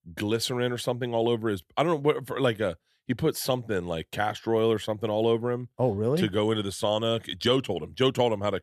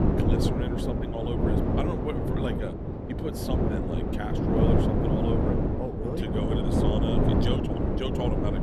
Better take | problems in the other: first | wind noise on the microphone; heavy; 4 dB above the speech

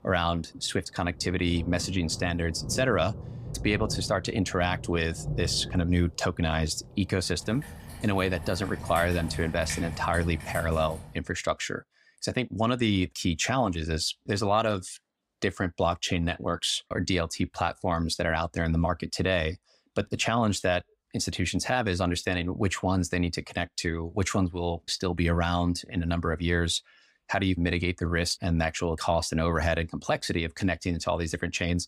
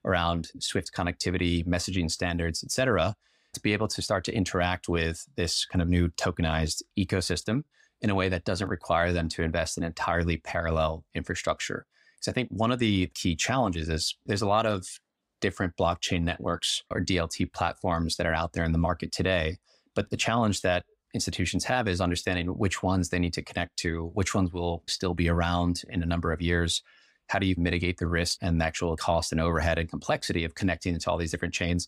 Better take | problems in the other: second | rain or running water; noticeable; until 11 s; 10 dB below the speech

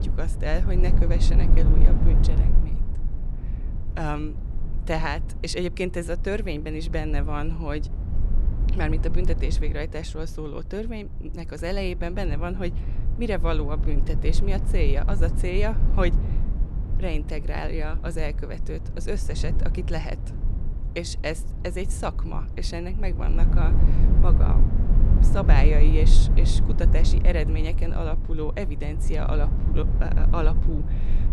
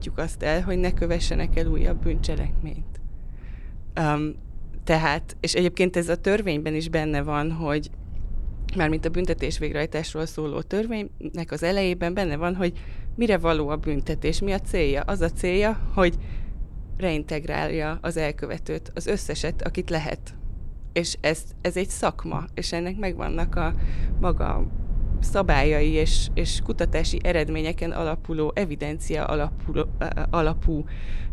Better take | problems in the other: second | low rumble; loud; throughout; 8 dB below the speech; faint in the second

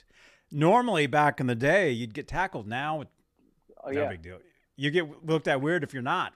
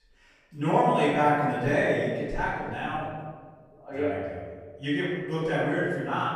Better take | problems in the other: first | off-mic speech; far // room echo; strong; dies away in 1.4 s

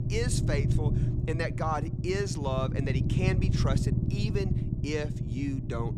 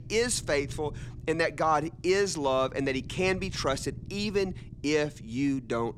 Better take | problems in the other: second | low rumble; loud; throughout; 5 dB below the speech; faint in the second

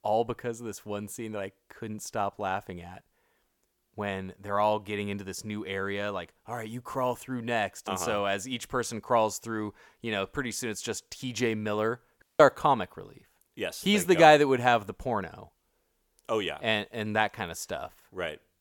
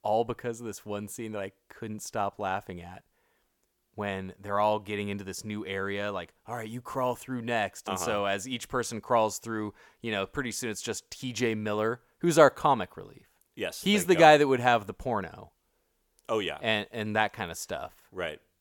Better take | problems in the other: second | audio cutting out; at 12 s

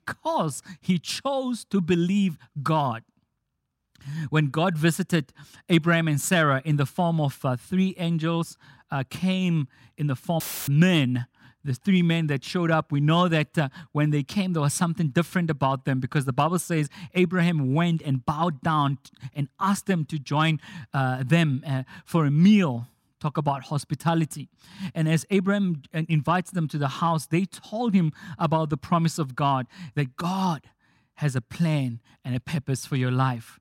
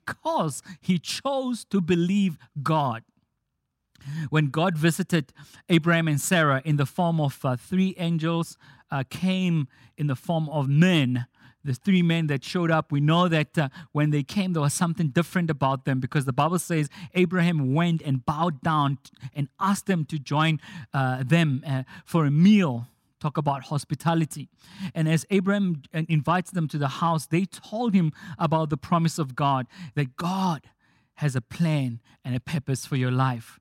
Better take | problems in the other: second | audio cutting out; filled with static; at 10 s

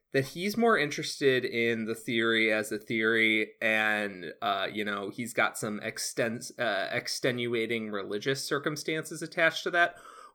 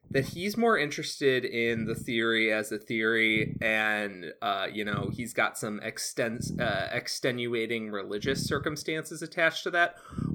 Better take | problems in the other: first | low rumble; noticeable; throughout; 20 dB below the speech

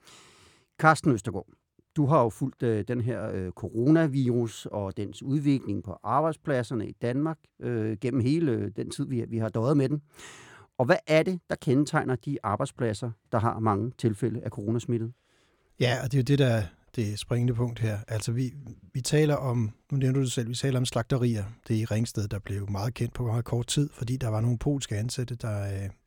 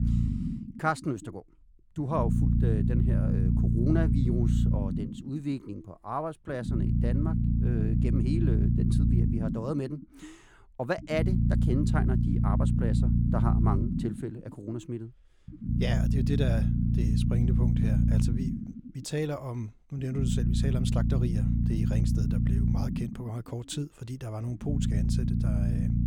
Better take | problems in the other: first | low rumble; loud; throughout; 1 dB below the speech

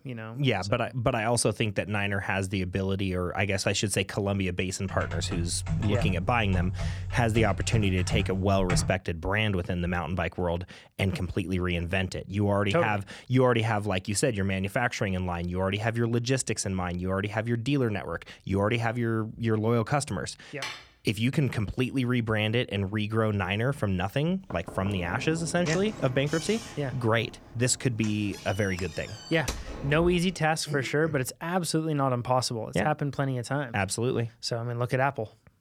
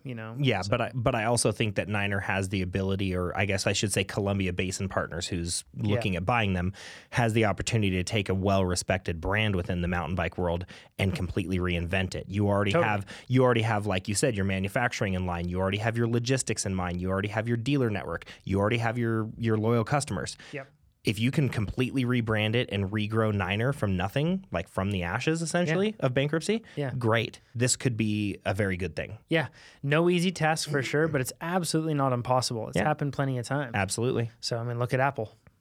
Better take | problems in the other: second | keyboard typing; noticeable; from 5 to 9 s; peak 2 dB below the speech // clattering dishes; noticeable; at 21 s; peak 9 dB below the speech // door banging; noticeable; from 25 to 30 s; peak 7 dB below the speech

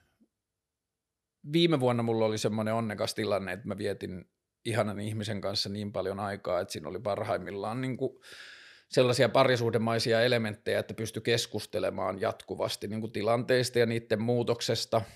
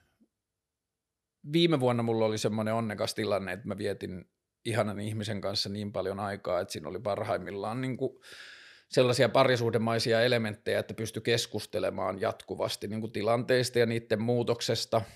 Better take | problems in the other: neither | none

